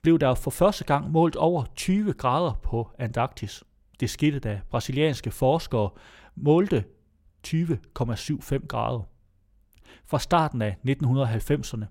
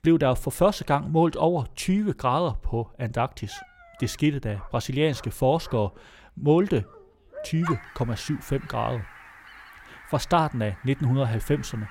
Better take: first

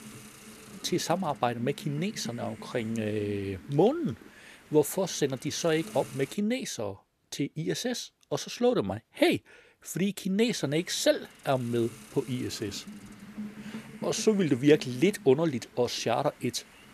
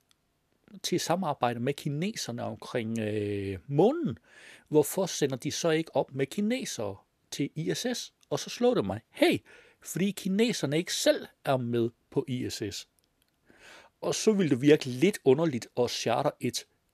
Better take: second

